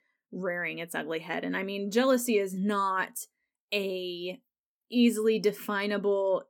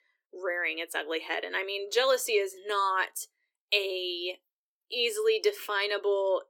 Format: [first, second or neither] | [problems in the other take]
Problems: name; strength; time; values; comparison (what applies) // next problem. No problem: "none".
first | thin; very; fading below 350 Hz